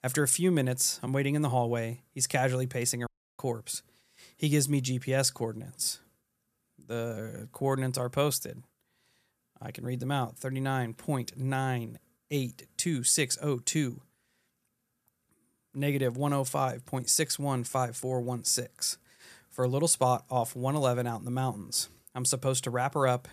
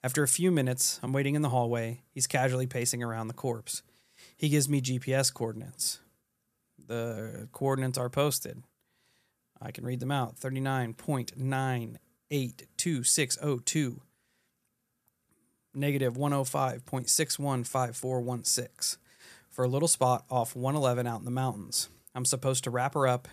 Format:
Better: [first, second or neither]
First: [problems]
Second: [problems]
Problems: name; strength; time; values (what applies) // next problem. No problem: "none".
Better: second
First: audio cutting out; at 3 s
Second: none